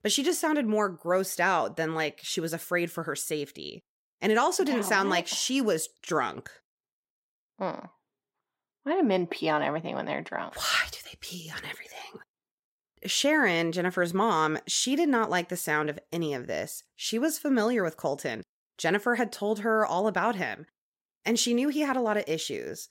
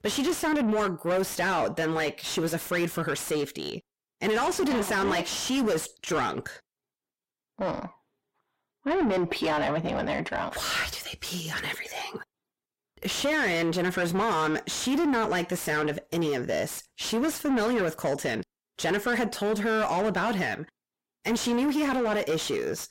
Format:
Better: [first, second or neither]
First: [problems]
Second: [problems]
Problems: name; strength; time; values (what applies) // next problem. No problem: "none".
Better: first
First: none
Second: distortion; heavy; 6 dB below the speech